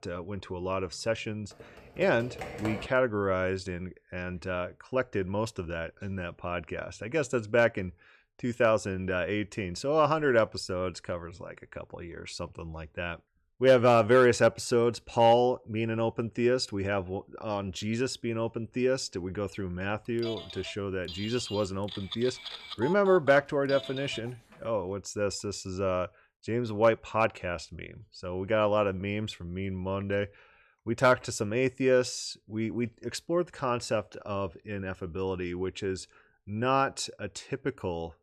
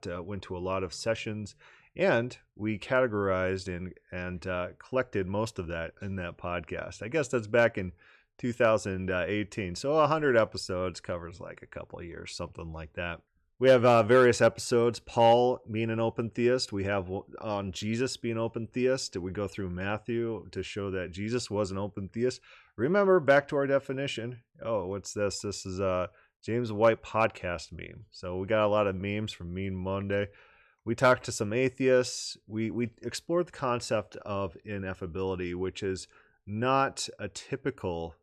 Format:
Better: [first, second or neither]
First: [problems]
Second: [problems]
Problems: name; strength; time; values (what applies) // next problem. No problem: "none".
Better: second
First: keyboard typing; noticeable; from 1.5 to 3 s; peak 9 dB below the speech // phone ringing; noticeable; from 20 to 25 s; peak 9 dB below the speech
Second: none